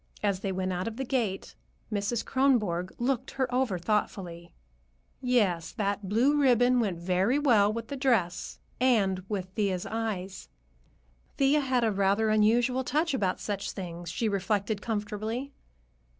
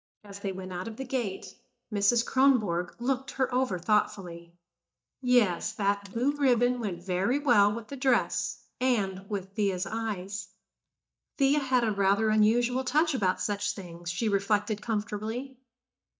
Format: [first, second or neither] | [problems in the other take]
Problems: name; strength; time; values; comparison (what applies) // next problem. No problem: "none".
first | noise reduction (neural mask model DeepFilterNet 3)